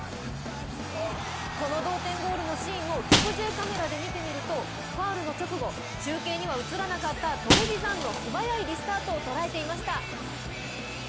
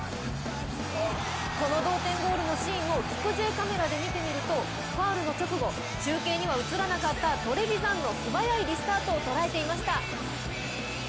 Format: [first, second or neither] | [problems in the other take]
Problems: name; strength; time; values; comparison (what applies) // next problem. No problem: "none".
second | background sound (Shatter); 3 dB below the speech